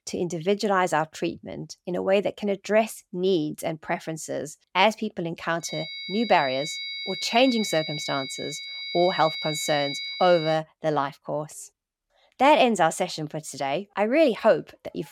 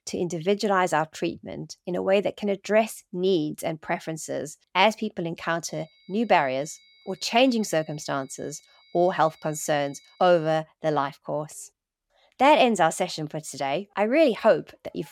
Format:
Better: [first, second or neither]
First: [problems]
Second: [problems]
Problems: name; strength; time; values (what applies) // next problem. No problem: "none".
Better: second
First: high-pitched whine; loud; from 5.5 to 11 s; 4 kHz, 7 dB below the speech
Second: high-pitched whine; faint; from 5.5 to 11 s; 4 kHz, 30 dB below the speech